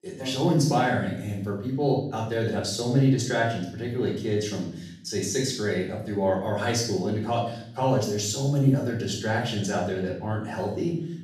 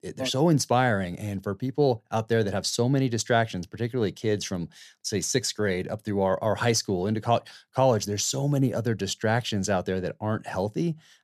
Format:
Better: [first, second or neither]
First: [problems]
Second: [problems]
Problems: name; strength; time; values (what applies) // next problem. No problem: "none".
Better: second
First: off-mic speech; far // room echo; noticeable; dies away in 0.7 s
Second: none